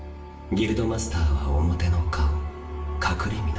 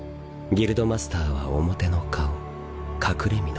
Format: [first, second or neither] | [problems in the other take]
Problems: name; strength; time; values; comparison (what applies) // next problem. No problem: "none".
second | room echo; dies away in 0.8 s